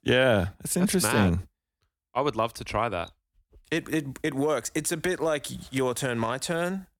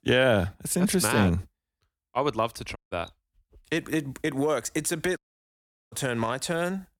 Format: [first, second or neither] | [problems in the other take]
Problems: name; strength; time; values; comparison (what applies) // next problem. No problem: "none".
first | audio cutting out; at 3 s and at 5 s for 0.5 s